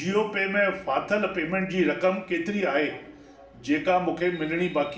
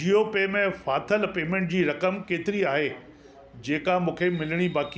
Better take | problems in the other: second | room echo; dies away in 0.7 s

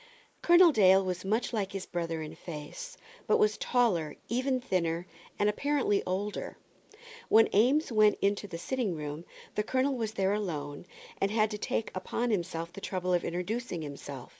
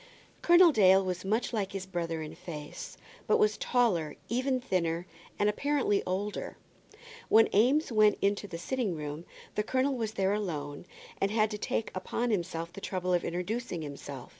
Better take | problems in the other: second | noise reduction (neural mask model Resemble Enhance denoiser)

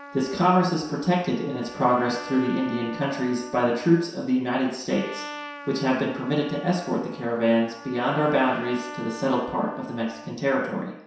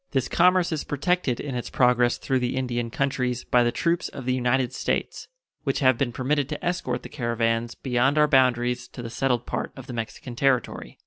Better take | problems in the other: second | background sound (Trumpet); 15 dB below the speech // room echo; dies away in 0.7 s

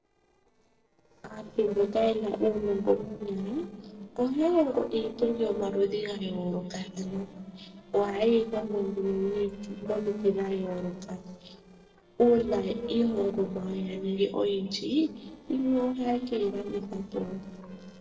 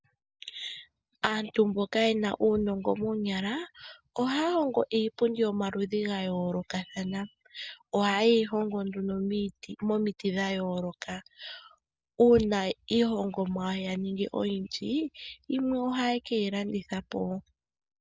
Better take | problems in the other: second | noise reduction (neural separator model SepFormer DNS4)

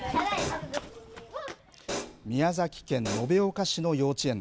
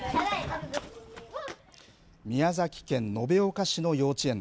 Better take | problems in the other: second | background sound (Hi-hat); 11 dB below the speech

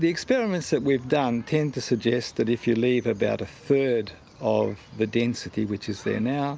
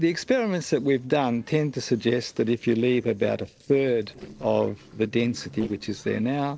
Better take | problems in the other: first | noise reduction (neural separator model SepFormer DNS4)

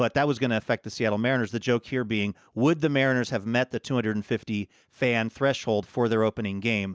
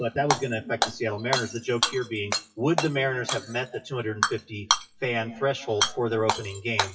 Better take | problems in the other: first | noise reduction (classical method WPE with log-MMSE)

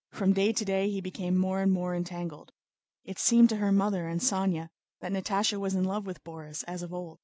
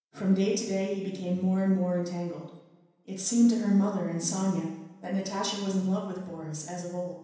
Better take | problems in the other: first | room echo; dies away in 0.9 s

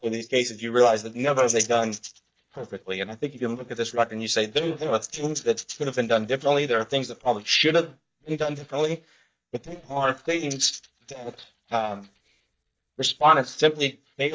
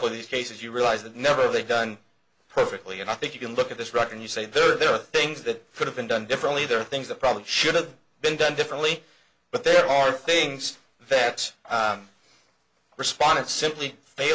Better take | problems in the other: second | noise reduction (neural mask model DeepFilterNet 3)

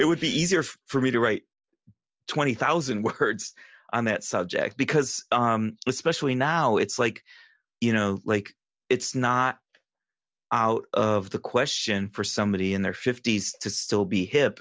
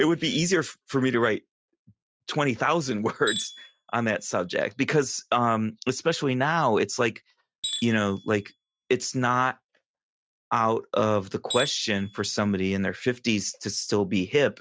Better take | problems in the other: first | noise reduction (neural mask model RNNoise)

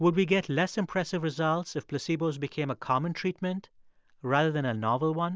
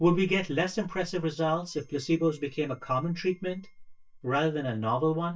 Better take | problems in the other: first | noise reduction (neural mask model DeepFilterNet 3)

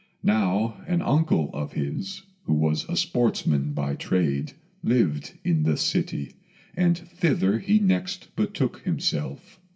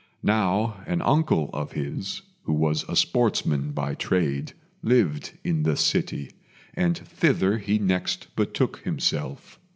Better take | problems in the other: second | room echo; dies away in 0.2 s

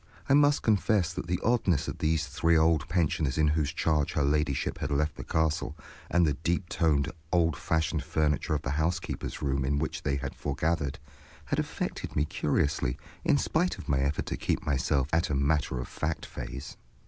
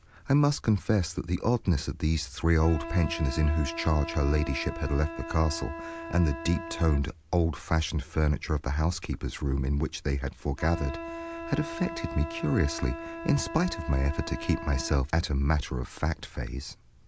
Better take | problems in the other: first | background sound (Wind instrument, woodwind instrument); 13 dB below the speech

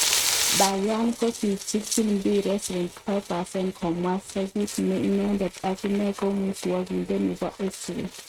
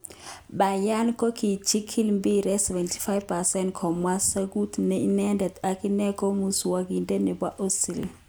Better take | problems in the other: second | noise reduction (neural mask model RNNoise)

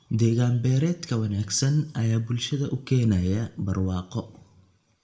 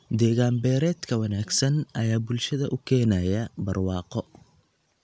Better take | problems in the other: second | room echo; dies away in 0.4 s

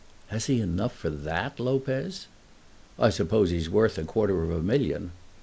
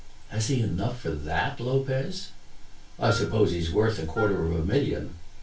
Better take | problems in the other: first | background sound (Wind instrument, woodwind instrument); 11 dB below the speech // room echo; dies away in 0.2 s

